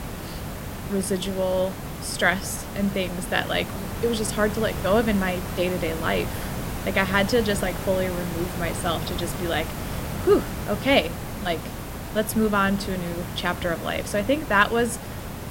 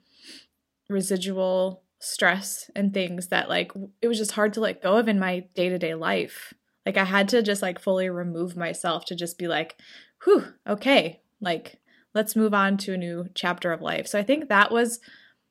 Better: second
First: hiss; loud; throughout; 7 dB below the speech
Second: none

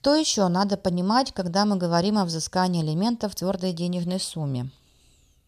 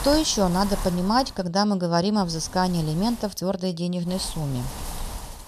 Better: first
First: none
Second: wind noise on the microphone; occasional gusts; until 1.5 s, at 2.5 s and from 4 s on; 15 dB below the speech

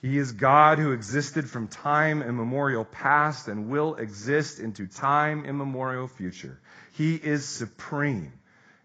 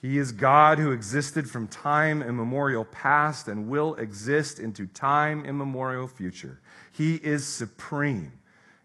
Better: second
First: garbled, watery; badly; nothing above 7.5 kHz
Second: garbled, watery; slightly

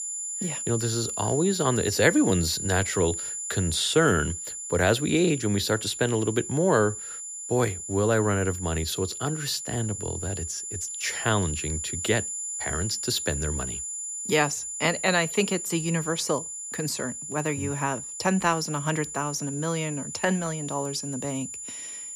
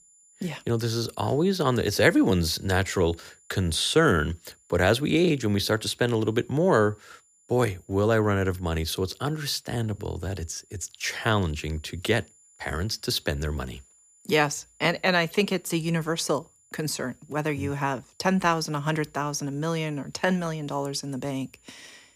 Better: second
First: high-pitched whine; loud; throughout; 7 kHz, 5 dB below the speech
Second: high-pitched whine; faint; throughout; 7 kHz, 30 dB below the speech

